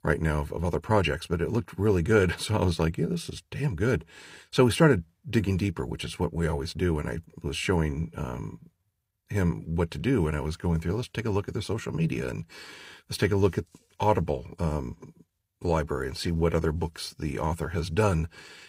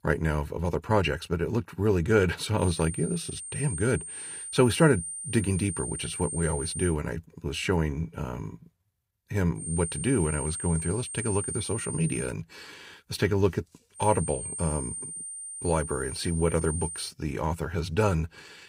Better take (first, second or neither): first